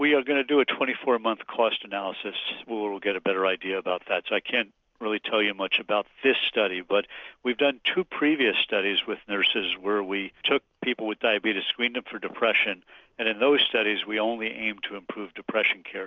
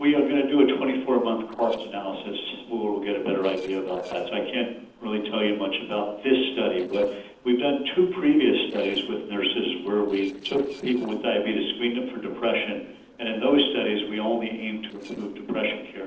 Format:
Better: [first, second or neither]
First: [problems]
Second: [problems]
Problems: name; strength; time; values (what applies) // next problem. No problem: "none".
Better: first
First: none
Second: noise reduction (neural separator model SepFormer DNS4)